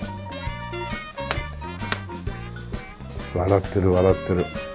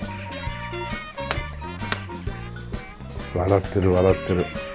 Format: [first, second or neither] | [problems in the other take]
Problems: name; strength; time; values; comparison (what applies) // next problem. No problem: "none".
first | background sound (Bird vocalization, bird call, bird song / Crow); 20 dB below the speech